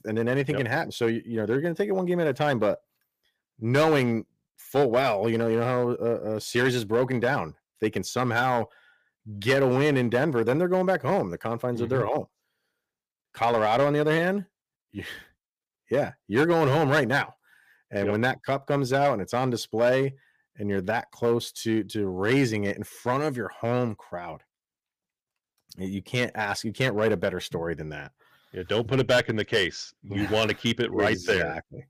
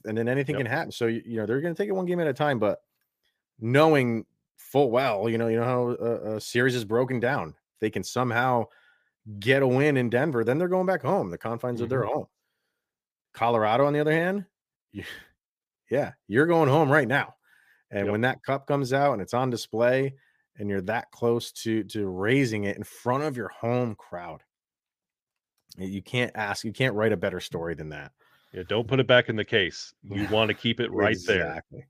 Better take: second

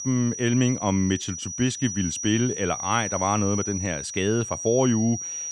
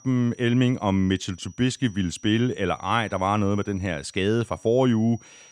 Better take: second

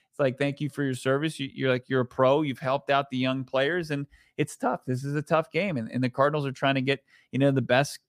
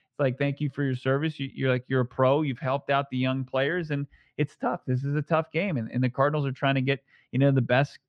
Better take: first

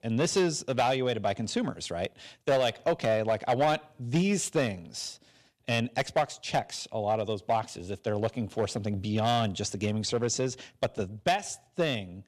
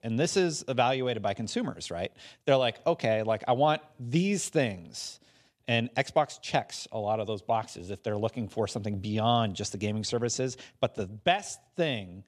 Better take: second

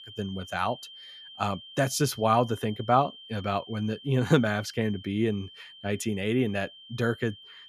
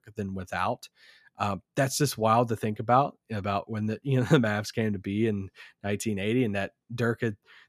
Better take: second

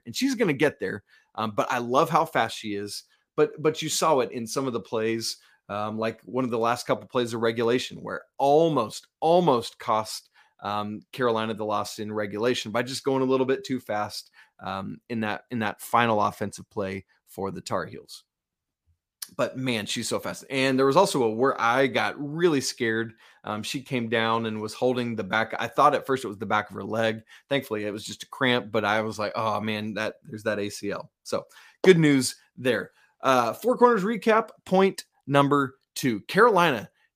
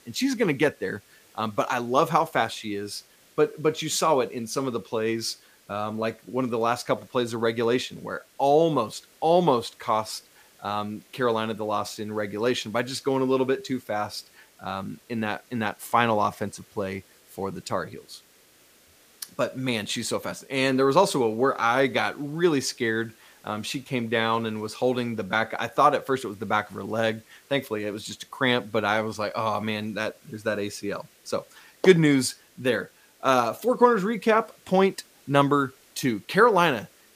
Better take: first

